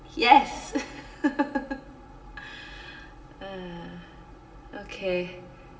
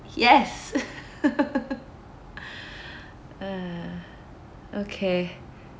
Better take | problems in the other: second | room echo; dies away in 2.8 s

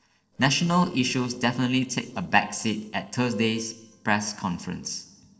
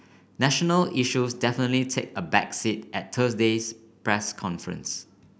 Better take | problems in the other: second | noise reduction (neural separator model SepFormer DNS4)

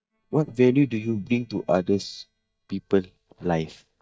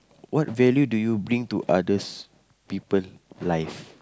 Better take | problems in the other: second | noise reduction (neural mask model DeepFilterNet 3)

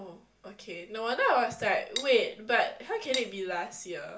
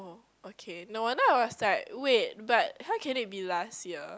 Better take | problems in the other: second | background sound (Cutlery, silverware); 10 dB below the speech // room echo; dies away in 0.3 s

